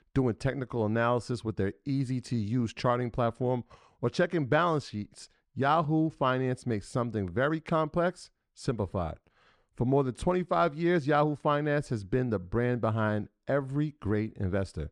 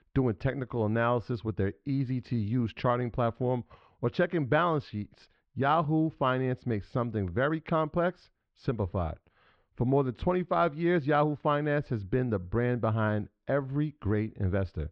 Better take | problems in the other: first | muffled; slightly; fading above 4 kHz

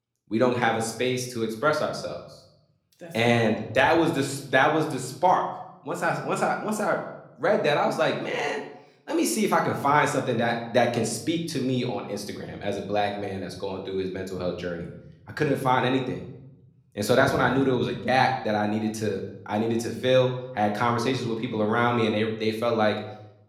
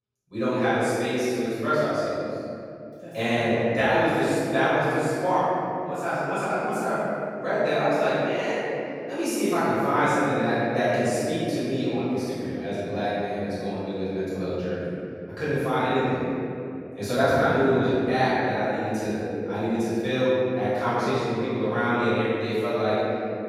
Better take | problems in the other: first | room echo; strong; dies away in 3 s; slight in the first // off-mic speech; far; somewhat distant in the first

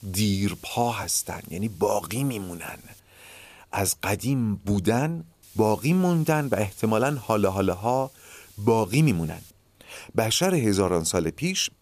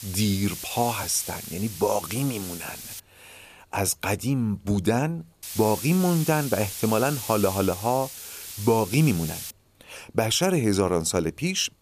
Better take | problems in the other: first | hiss; loud; until 3 s and from 5.5 to 9.5 s; 9 dB below the speech; faint in the first

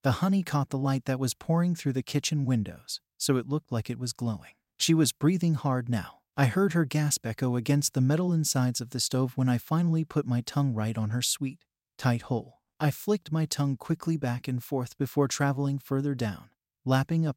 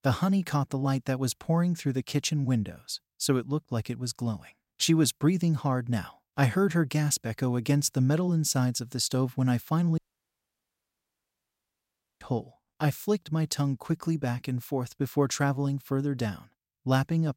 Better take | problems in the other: first | audio cutting out; at 10 s for 2 s

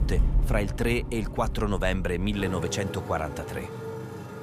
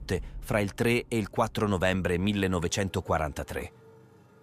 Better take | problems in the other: second | traffic noise; loud; throughout; 4 dB below the speech; faint in the second

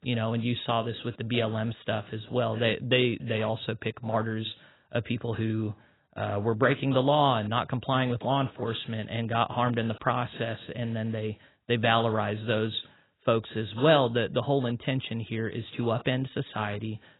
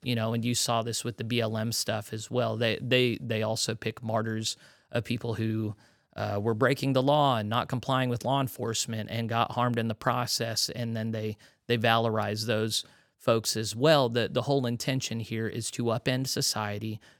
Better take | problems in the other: second | garbled, watery; badly; nothing above 4 kHz

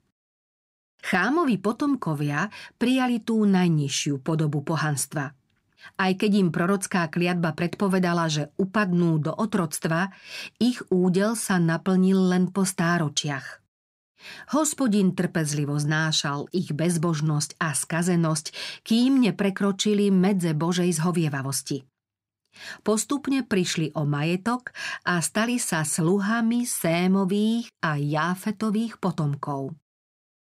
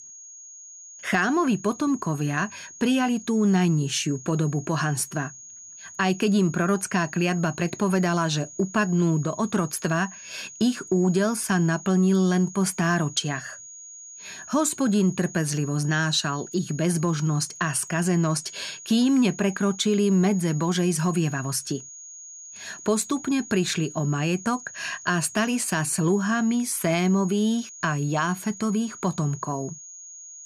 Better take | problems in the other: first | high-pitched whine; noticeable; throughout; 6.5 kHz, 15 dB below the speech

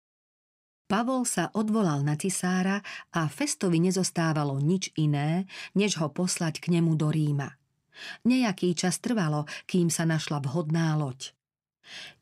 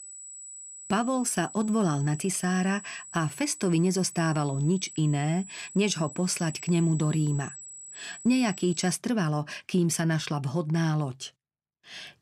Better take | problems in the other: first | high-pitched whine; noticeable; until 9 s; 8 kHz, 15 dB below the speech

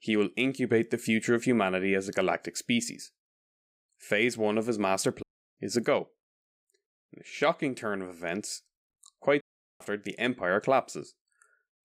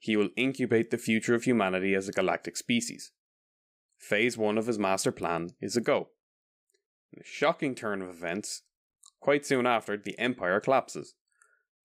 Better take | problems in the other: second | audio cutting out; at 5 s and at 9.5 s

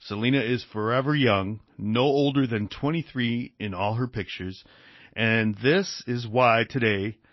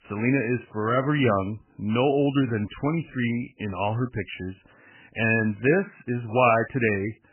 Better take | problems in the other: first | garbled, watery; badly; nothing above 3 kHz; slightly in the first

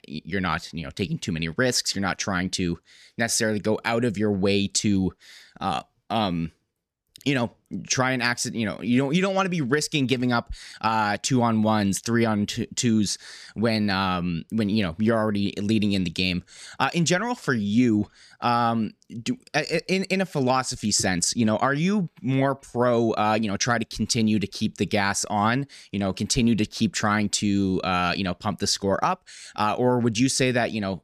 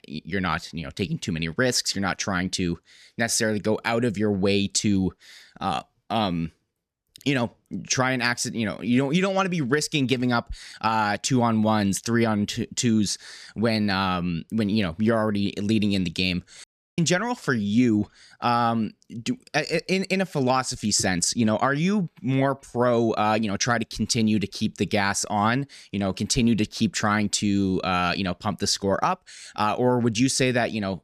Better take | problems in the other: first | audio cutting out; at 17 s

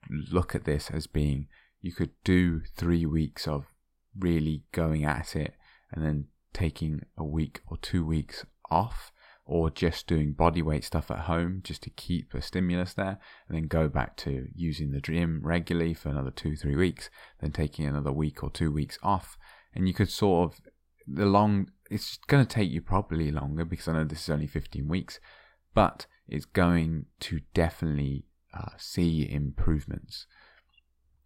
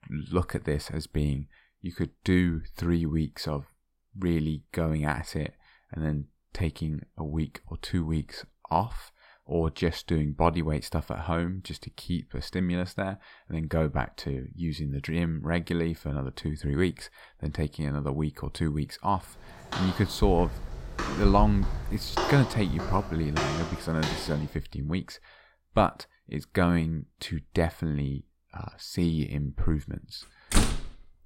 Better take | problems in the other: first | footsteps; loud; from 20 to 24 s; peak 1 dB above the speech // door banging; loud; at 31 s; peak 3 dB above the speech

